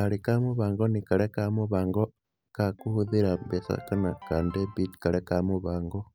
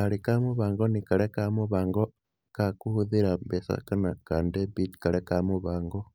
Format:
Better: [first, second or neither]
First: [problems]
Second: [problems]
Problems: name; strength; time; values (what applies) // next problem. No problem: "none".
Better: second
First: background sound (Ringtone); 20 dB below the speech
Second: none